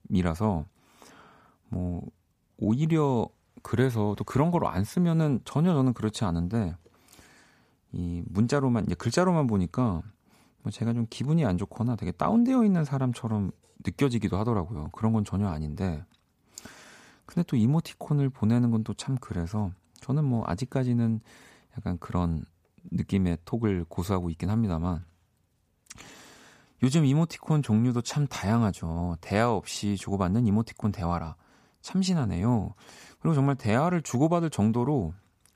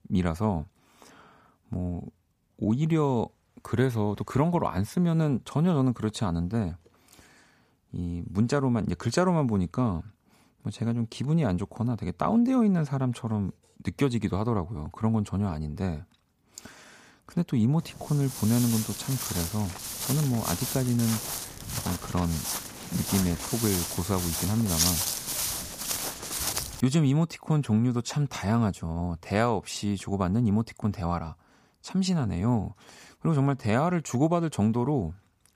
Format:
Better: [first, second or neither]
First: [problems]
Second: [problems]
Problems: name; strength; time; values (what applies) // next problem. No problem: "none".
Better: first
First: none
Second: footsteps; loud; from 18 to 27 s; peak 4 dB above the speech